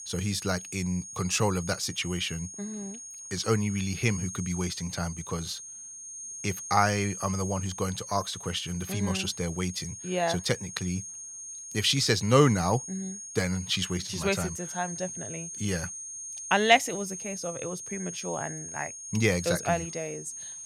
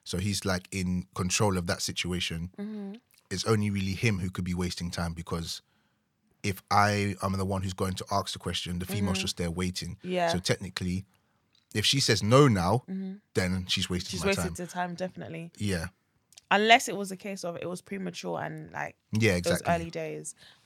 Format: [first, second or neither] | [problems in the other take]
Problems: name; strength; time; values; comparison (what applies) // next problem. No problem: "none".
second | high-pitched whine; loud; throughout; 6.5 kHz, 9 dB below the speech